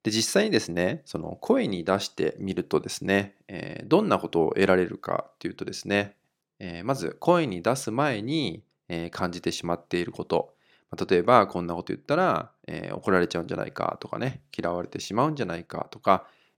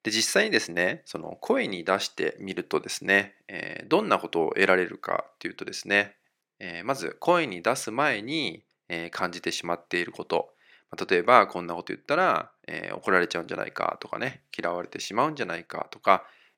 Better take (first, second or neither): first